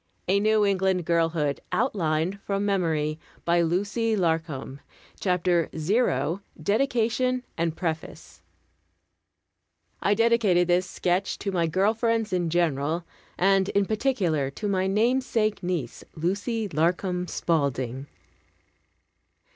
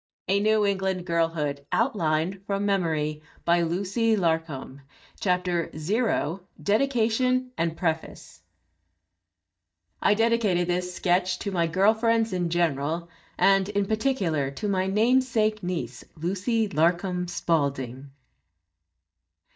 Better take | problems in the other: first | noise reduction (neural mask model DeepFilterNet 3)

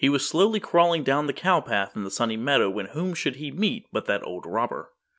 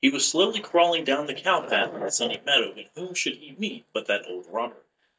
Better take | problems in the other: first | noise reduction (neural mask model DeepFilterNet 3)

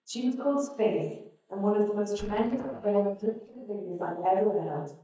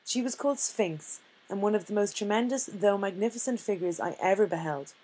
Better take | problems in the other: second | noise reduction (neural mask model DeepFilterNet 3)

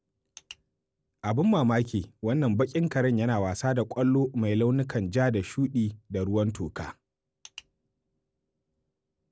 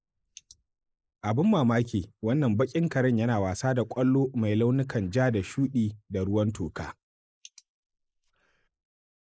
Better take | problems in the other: first | noise reduction (neural mask model Resemble Enhance denoiser)

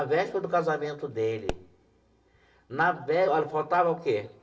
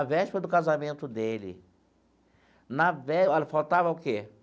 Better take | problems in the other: second | background sound (Explosion); 14 dB below the speech // room echo; dies away in 0.8 s

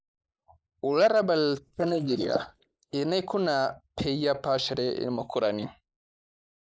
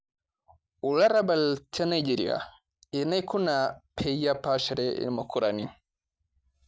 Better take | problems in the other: second | noise reduction (neural mask model Resemble Enhance denoiser)

